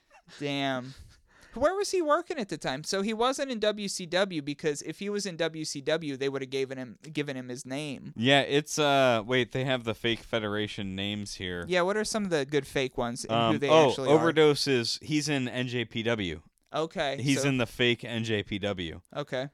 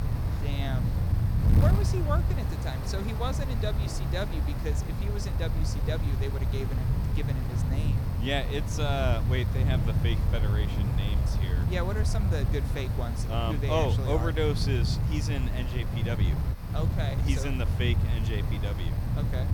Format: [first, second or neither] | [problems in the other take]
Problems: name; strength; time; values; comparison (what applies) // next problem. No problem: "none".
first | wind noise on the microphone; heavy; 4 dB below the speech